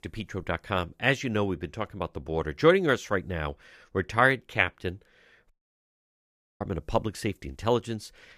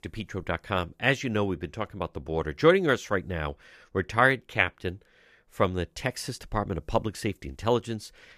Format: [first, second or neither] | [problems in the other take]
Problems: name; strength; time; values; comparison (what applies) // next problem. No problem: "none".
second | audio cutting out; at 5.5 s for 1 s